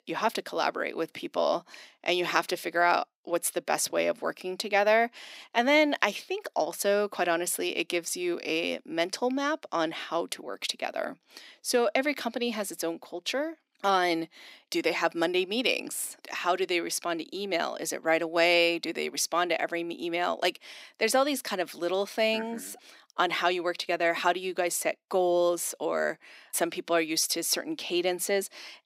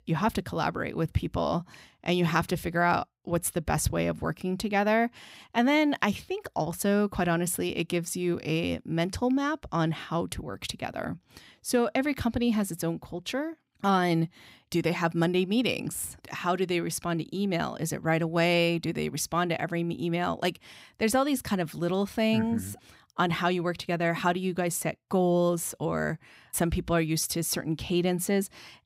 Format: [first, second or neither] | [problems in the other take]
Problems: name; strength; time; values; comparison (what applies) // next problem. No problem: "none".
second | thin; somewhat; fading below 300 Hz